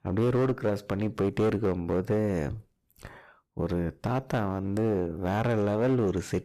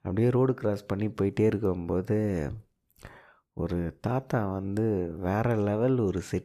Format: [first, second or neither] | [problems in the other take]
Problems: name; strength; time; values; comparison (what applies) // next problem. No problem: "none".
second | distortion; slight; 13% of the sound clipped